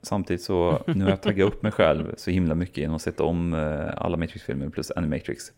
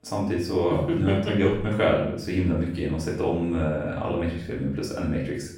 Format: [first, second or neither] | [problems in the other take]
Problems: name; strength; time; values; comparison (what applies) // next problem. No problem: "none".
first | room echo; noticeable; dies away in 0.5 s // off-mic speech; far